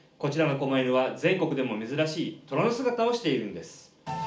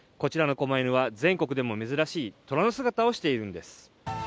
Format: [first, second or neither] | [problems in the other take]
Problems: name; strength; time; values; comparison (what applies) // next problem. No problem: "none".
second | room echo; dies away in 0.4 s